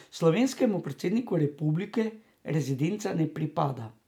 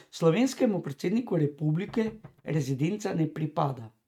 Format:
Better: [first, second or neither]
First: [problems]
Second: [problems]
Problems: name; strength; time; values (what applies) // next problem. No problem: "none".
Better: first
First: none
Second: noise reduction (neural mask model RNNoise)